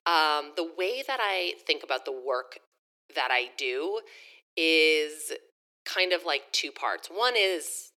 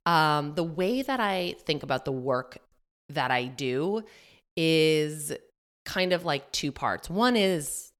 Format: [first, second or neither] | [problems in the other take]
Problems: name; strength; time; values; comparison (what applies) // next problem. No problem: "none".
second | thin; very; fading below 350 Hz